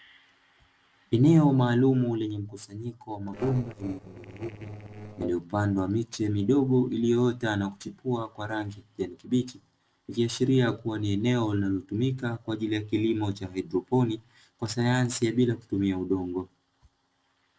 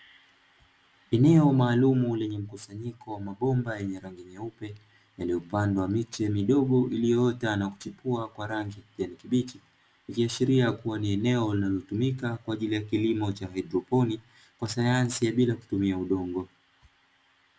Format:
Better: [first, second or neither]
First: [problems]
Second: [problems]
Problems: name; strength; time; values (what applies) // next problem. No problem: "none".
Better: second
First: noise reduction (neural separator model SepFormer DNS4)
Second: none